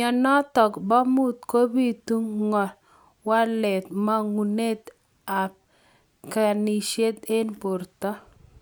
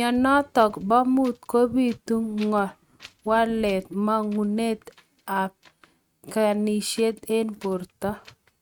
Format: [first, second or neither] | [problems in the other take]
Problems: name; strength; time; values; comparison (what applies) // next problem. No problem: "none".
first | noise reduction (neural mask model RNNoise)